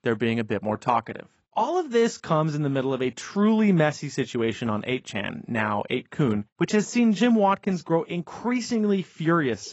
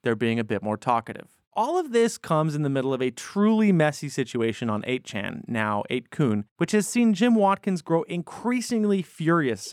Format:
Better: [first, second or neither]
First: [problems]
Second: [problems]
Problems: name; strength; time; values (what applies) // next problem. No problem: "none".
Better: second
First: garbled, watery; badly; nothing above 7.5 kHz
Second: none